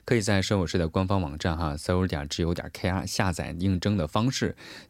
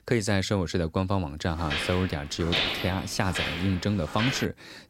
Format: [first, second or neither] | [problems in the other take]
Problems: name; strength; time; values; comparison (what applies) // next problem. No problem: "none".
first | footsteps; loud; from 1.5 s on; peak 3 dB above the speech